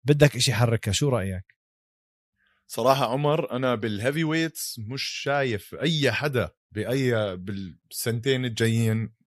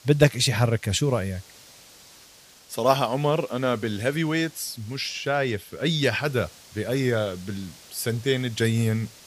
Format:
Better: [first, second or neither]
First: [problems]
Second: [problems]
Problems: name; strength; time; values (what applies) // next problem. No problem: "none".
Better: first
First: none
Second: hiss; faint; throughout; 20 dB below the speech